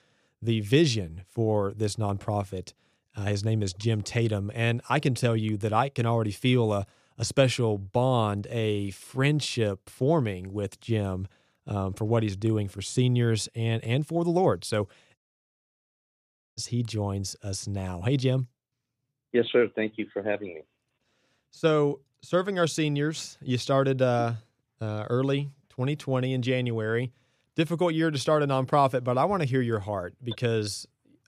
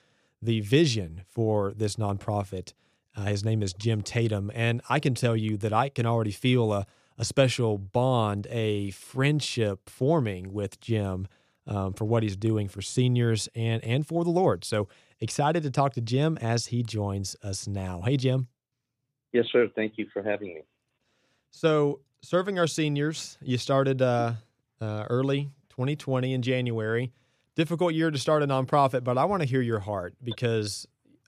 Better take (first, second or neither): second